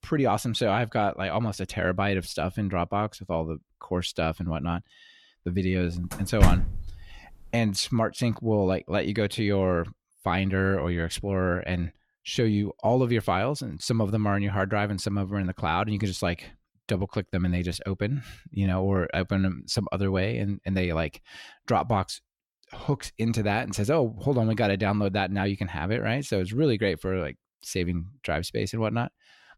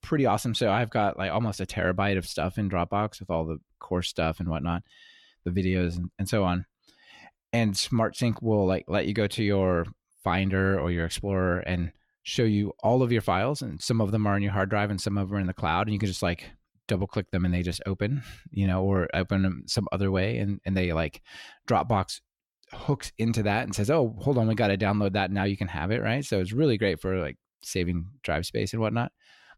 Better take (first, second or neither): second